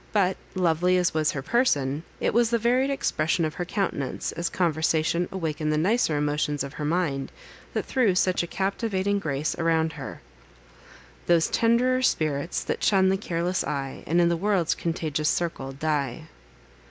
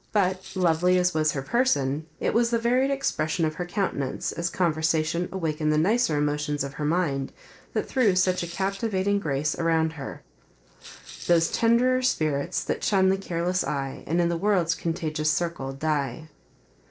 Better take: first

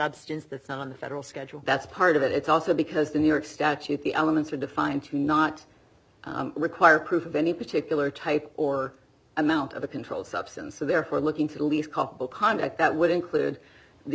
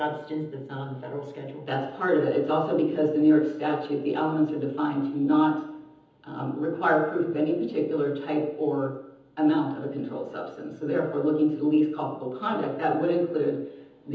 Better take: first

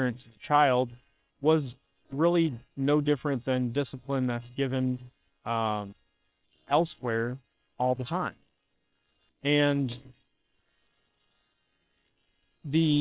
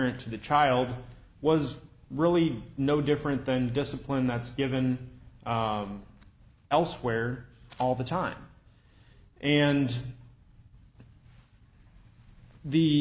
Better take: second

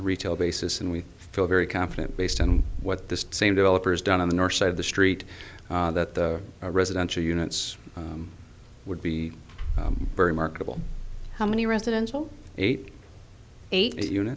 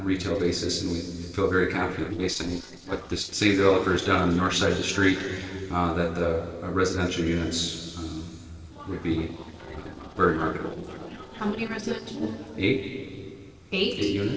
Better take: first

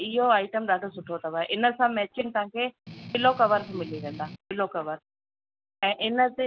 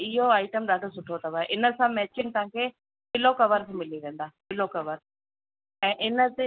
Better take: second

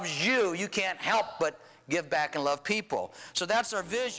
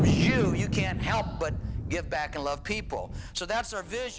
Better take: first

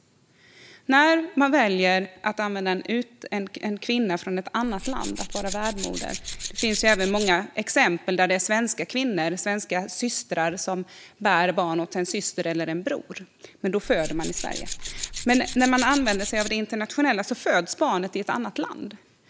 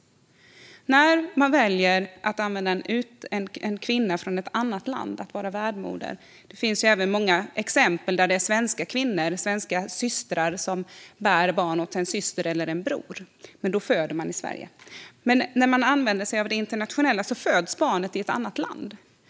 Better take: second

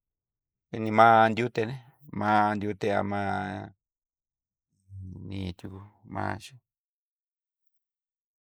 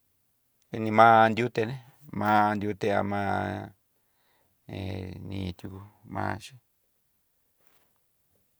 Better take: second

